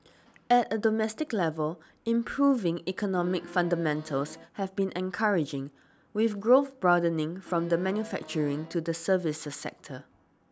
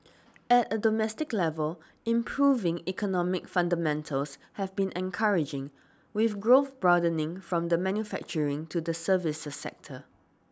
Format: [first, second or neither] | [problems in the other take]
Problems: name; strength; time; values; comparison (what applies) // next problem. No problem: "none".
second | background sound (Accordion); 15 dB below the speech